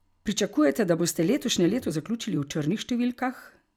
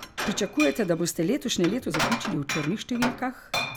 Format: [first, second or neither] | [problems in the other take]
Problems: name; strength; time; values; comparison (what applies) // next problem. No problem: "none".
first | background sound (Glass); 5 dB below the speech